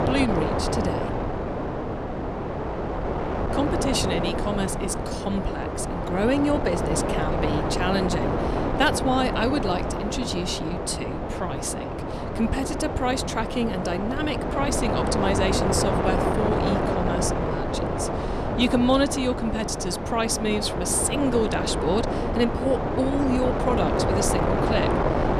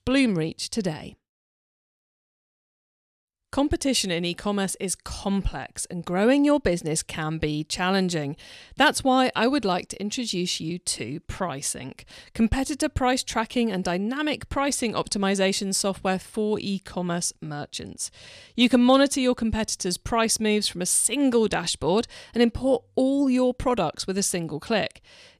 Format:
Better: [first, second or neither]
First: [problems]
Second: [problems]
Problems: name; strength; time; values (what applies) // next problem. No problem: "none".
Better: second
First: wind noise on the microphone; heavy; as loud as the speech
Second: none